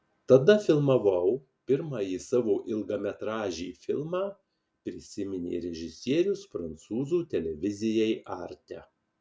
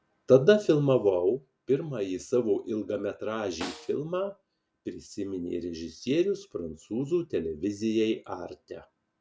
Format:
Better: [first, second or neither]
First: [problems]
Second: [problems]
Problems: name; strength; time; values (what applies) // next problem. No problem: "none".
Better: first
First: none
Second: background sound (Snare drum); 17 dB below the speech